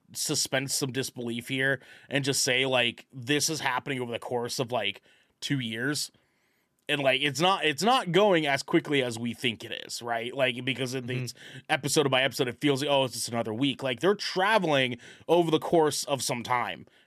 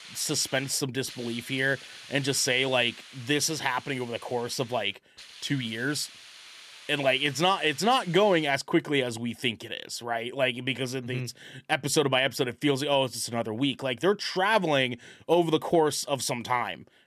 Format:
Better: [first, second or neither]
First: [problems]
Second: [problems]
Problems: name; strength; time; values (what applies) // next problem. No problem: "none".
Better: first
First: none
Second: hiss; noticeable; until 8.5 s; 20 dB below the speech